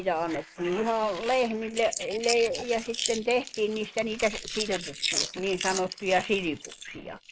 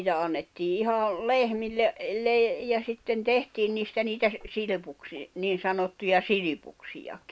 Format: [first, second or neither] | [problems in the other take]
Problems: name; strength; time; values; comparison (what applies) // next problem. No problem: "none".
second | noise reduction (neural mask model Resemble Enhance denoiser)